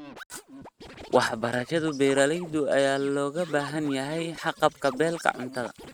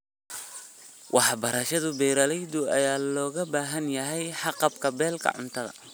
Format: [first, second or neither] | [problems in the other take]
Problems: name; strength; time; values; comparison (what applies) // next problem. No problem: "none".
second | noise reduction (neural mask model RNNoise)